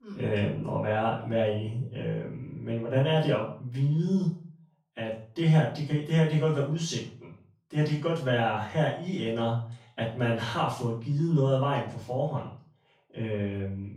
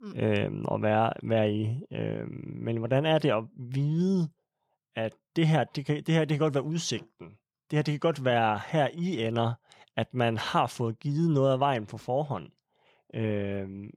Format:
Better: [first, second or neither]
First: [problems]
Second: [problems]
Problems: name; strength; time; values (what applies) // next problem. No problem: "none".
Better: second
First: off-mic speech; far // room echo; noticeable; dies away in 0.4 s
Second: none